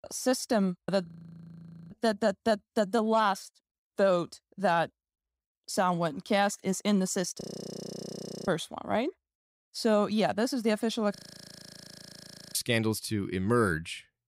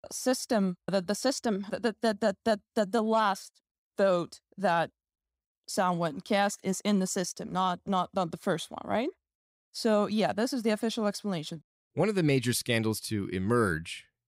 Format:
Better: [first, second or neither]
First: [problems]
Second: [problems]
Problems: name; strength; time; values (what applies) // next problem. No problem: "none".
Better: second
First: audio freezing; at 1 s for 1 s, at 7.5 s for 1 s and at 11 s for 1.5 s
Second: none